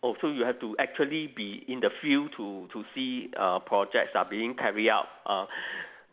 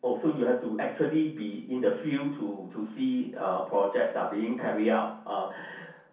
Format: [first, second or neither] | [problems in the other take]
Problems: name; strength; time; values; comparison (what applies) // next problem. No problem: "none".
first | room echo; dies away in 0.6 s